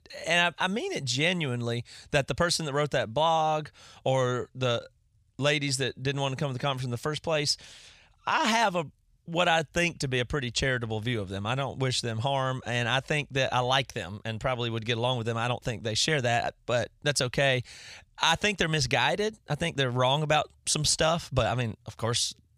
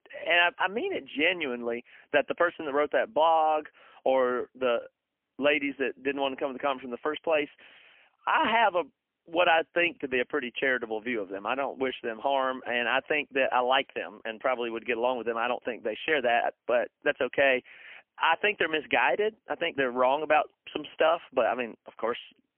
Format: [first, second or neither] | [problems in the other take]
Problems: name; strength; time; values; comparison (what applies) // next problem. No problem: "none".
first | phone-call audio; poor line; nothing above 3 kHz